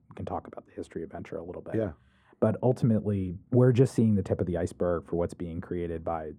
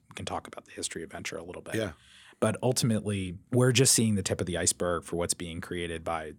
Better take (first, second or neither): second